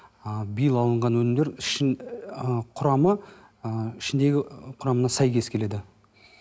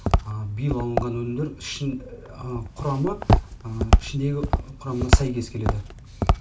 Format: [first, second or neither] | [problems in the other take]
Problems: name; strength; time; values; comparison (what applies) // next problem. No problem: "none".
first | background sound (Walk, footsteps); 4 dB above the speech // room echo; dies away in 0.3 s